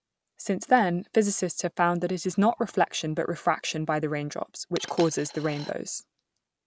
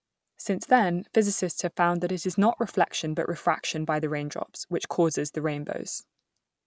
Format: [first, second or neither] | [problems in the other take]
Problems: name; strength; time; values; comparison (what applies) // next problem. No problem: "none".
second | background sound (Coin (dropping)); 14 dB below the speech